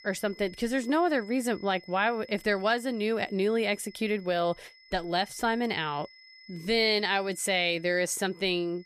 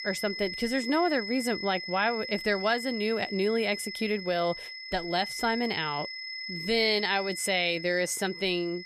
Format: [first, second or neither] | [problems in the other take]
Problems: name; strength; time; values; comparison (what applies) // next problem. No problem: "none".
first | high-pitched whine; loud; throughout; 2 kHz, 7 dB below the speech; faint in the first